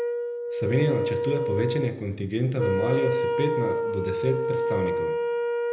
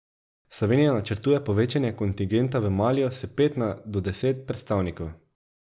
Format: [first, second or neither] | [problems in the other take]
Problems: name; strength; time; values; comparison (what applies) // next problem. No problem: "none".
second | background sound (Wind instrument, woodwind instrument); 1 dB above the speech // room echo; dies away in 0.8 s